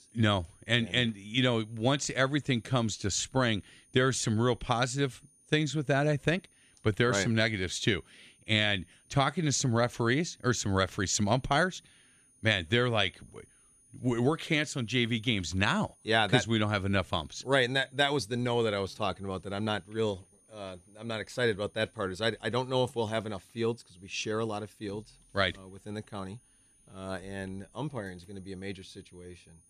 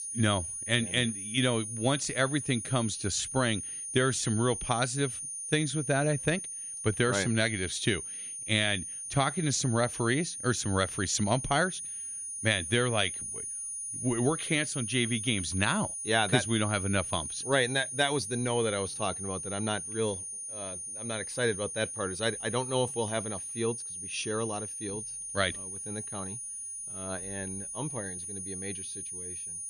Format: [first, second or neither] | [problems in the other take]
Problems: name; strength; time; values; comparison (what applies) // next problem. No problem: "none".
first | high-pitched whine; loud; throughout; 9.5 kHz, 6 dB below the speech; faint in the first